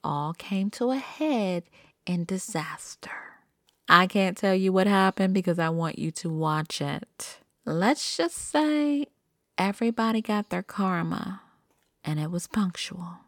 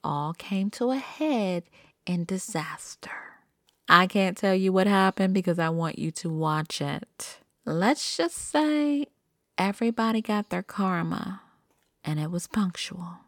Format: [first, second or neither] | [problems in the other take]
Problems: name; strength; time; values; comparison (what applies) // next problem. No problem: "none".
neither | none